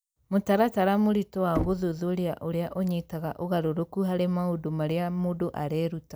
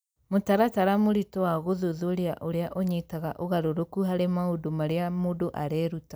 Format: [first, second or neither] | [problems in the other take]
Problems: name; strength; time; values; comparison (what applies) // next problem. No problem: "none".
second | background sound (Knock); 11 dB below the speech